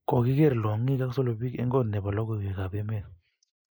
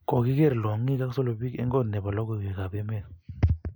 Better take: second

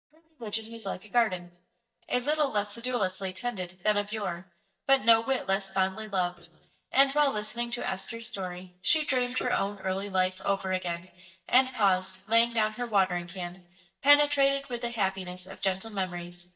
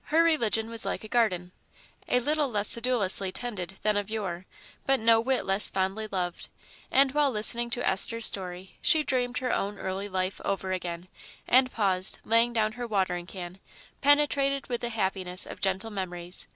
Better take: second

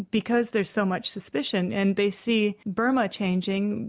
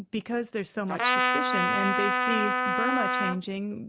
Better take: first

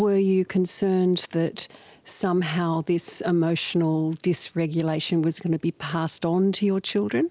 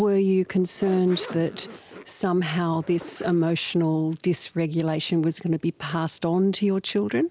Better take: first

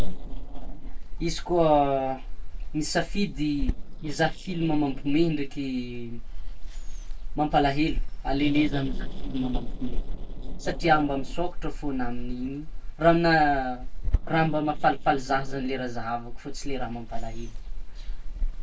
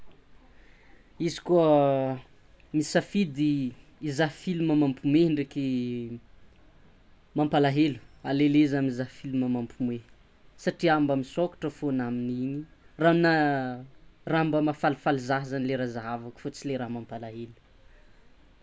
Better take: second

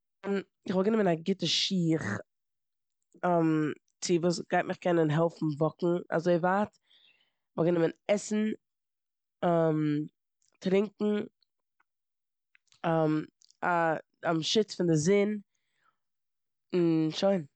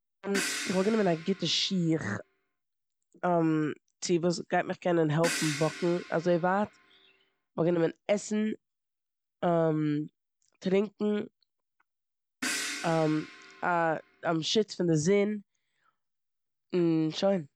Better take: first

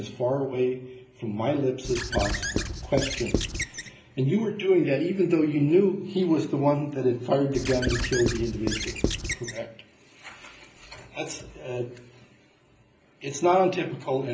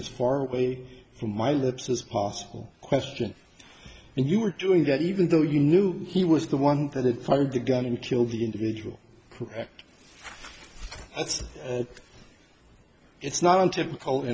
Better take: second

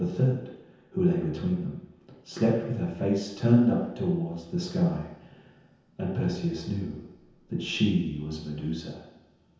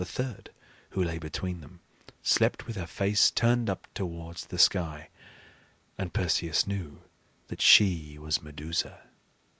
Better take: second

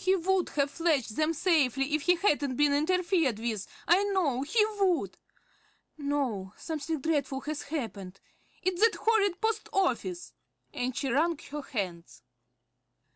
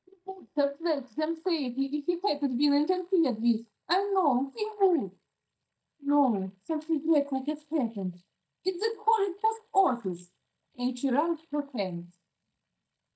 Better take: first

